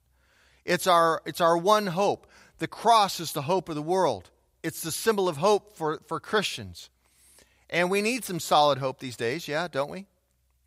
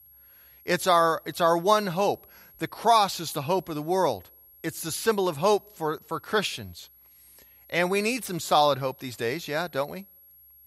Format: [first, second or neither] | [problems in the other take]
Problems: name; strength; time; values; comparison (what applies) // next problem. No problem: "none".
first | high-pitched whine; faint; throughout; 11.5 kHz, 25 dB below the speech